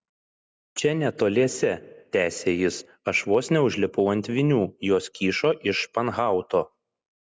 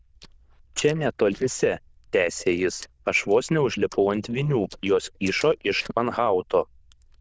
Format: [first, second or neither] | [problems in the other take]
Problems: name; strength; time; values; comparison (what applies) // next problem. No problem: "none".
first | noise reduction (neural diffusion model UNIVERSE++)